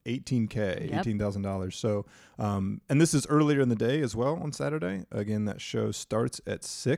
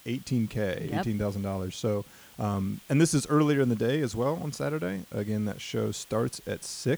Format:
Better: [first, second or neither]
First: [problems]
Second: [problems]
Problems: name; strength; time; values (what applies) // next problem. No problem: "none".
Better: first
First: none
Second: hiss; faint; throughout; 20 dB below the speech